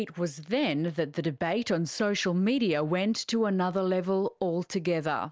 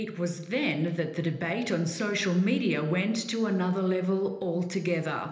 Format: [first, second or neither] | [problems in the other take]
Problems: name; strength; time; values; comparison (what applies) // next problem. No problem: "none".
first | room echo; dies away in 1 s